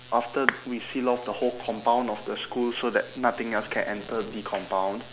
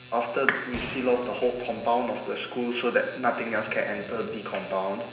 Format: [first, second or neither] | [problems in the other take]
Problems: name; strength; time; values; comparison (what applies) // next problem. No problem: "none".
first | background sound (Gunshot, gunfire); 15 dB below the speech // room echo; dies away in 0.9 s